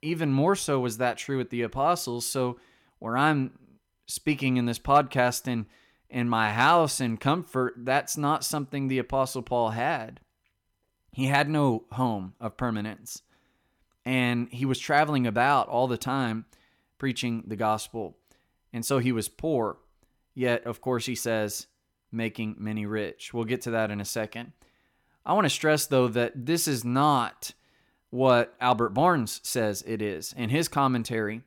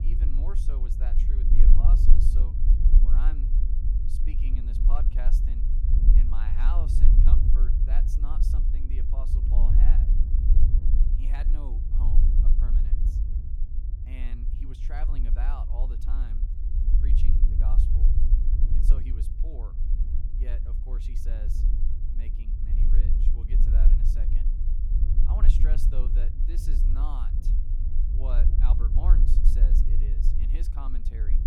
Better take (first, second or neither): first